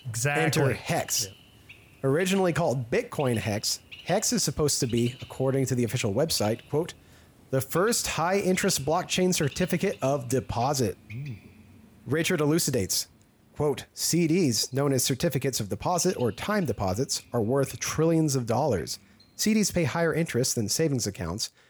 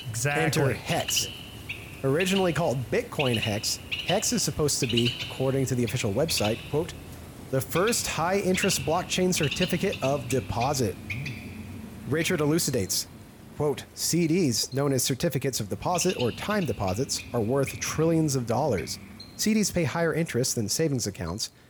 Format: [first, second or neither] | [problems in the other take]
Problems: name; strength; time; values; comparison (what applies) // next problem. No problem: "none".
first | animal sounds; loud; throughout; 9 dB below the speech; faint in the first